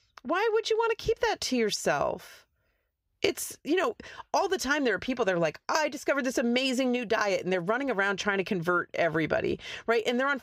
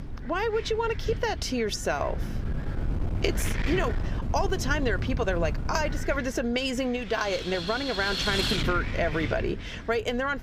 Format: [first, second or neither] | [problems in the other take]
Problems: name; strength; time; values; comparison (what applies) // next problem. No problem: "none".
first | wind noise on the microphone; heavy; 7 dB below the speech